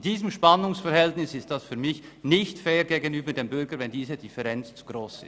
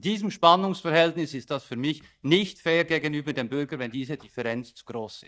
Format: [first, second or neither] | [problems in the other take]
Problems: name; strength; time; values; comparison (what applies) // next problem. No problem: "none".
first | noise reduction (neural mask model DeepFilterNet 3)